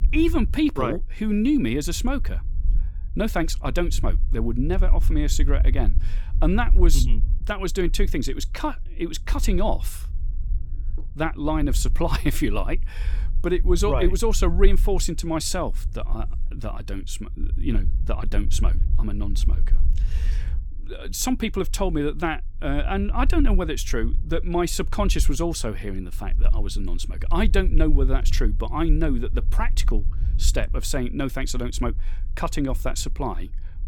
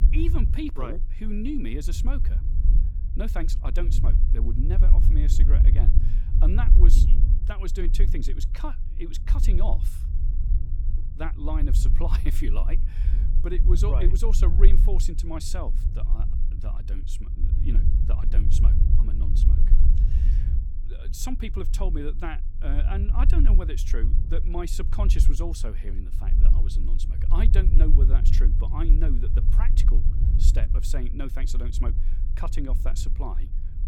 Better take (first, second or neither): first